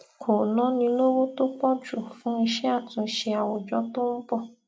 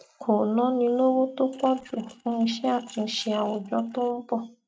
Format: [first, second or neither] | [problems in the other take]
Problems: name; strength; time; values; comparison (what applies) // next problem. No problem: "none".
first | noise reduction (neural mask model RNNoise)